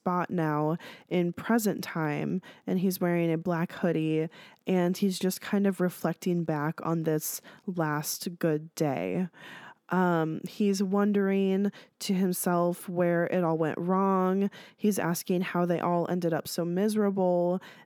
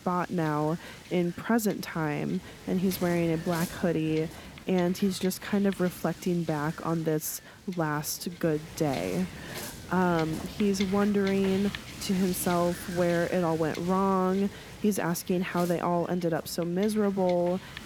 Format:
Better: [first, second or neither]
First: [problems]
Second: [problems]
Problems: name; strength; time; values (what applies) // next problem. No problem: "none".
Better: first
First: none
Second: wind noise on the microphone; occasional gusts; 15 dB below the speech